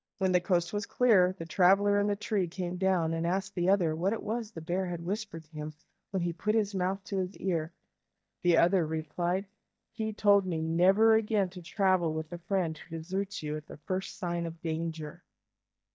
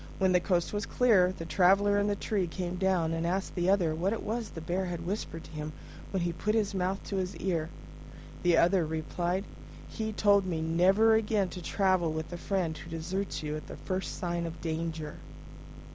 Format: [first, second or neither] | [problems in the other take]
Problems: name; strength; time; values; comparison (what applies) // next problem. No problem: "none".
second | noise reduction (neural mask model DeepFilterNet 3)